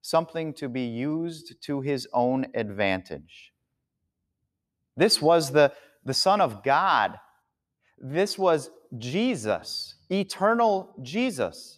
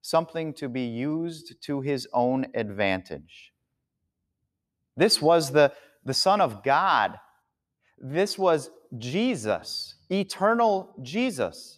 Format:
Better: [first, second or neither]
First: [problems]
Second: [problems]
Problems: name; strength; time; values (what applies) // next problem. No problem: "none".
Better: neither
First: none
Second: none